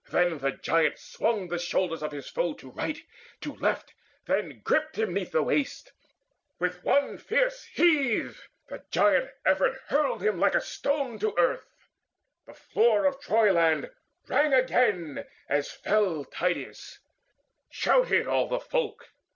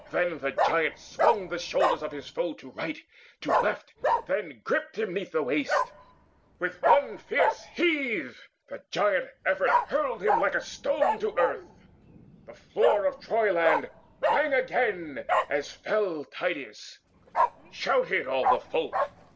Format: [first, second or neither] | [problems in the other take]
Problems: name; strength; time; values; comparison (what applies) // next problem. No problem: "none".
first | background sound (Bark); 2 dB below the speech